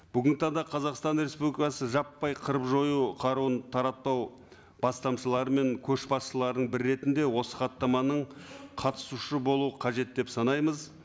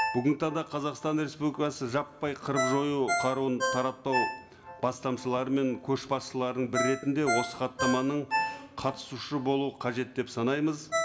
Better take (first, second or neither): first